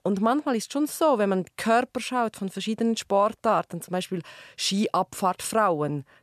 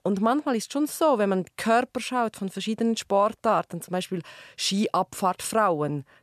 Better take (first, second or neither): neither